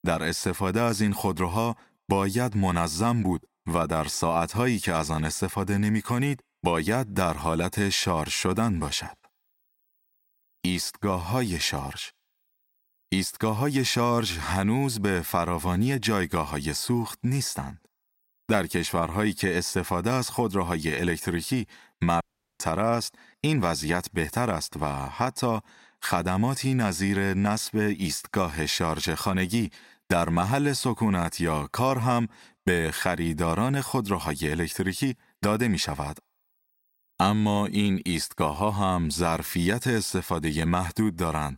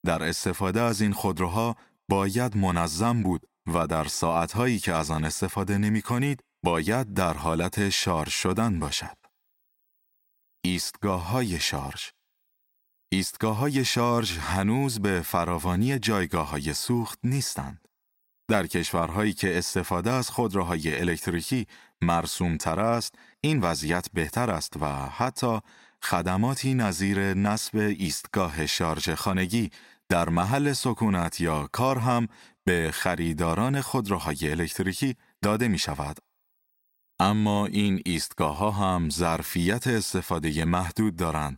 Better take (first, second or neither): second